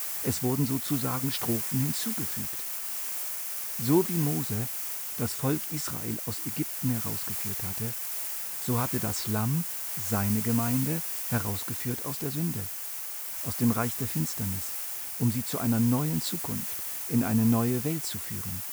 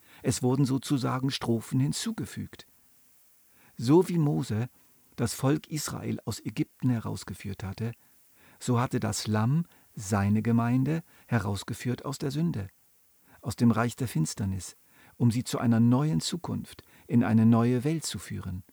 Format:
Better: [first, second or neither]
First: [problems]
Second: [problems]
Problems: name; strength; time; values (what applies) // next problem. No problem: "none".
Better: second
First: hiss; loud; throughout; 1 dB below the speech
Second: hiss; faint; throughout; 30 dB below the speech